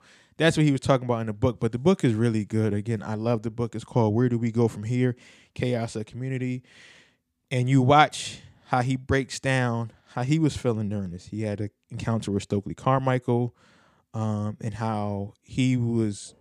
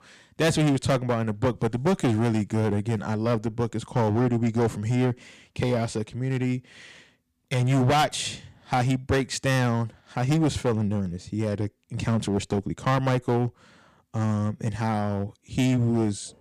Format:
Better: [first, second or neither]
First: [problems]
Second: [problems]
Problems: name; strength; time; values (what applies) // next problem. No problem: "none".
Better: first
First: none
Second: distortion; heavy; 10% of the sound clipped